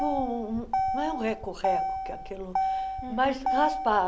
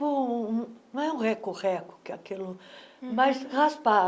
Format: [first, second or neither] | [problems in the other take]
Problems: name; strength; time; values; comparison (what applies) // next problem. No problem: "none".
second | background sound (Motor vehicle (road)); 1 dB below the speech